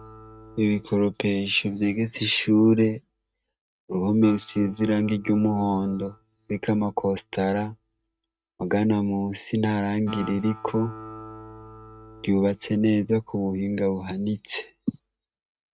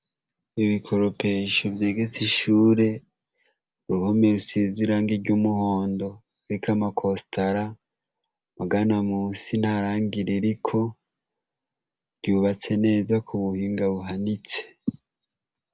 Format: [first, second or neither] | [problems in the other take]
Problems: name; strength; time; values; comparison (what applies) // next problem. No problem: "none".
second | noise reduction (neural mask model RNNoise)